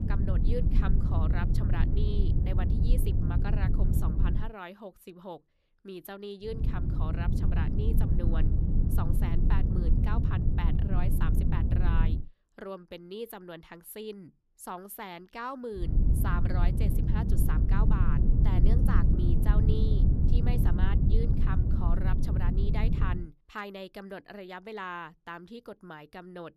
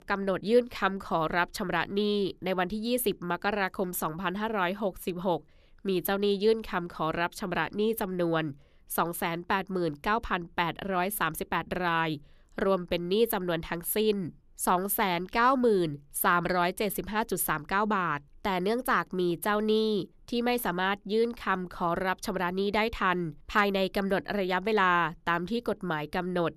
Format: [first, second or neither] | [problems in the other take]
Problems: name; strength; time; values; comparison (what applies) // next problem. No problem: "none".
second | low rumble; loud; until 4.5 s, from 6.5 to 12 s and from 16 to 23 s; 1 dB below the speech